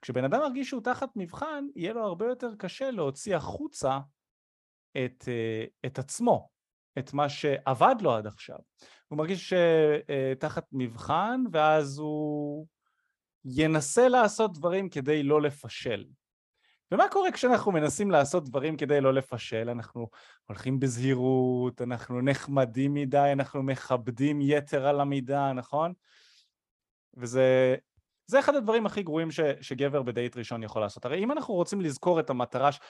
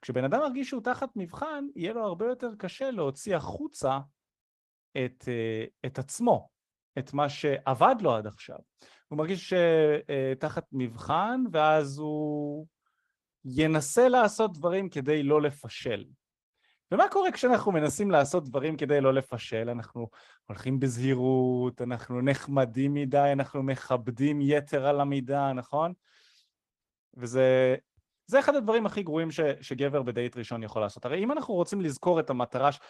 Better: first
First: none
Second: garbled, watery; slightly

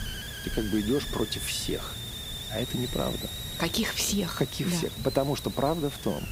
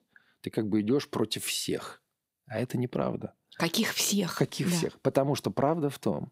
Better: second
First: hiss; loud; throughout; 6 dB below the speech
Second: none

